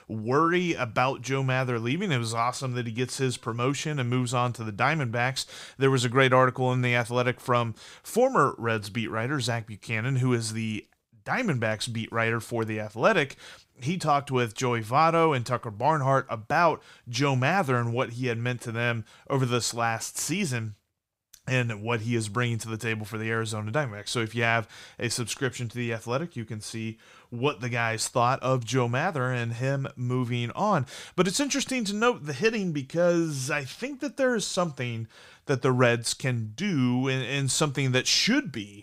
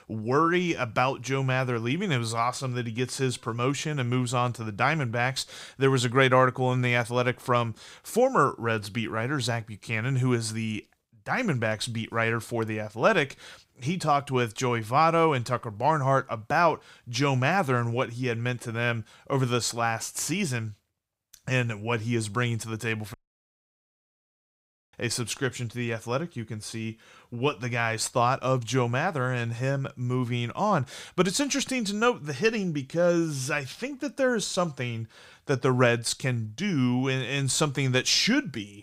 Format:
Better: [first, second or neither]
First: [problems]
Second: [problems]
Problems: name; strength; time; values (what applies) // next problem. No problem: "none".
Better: first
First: none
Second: audio cutting out; at 23 s for 2 s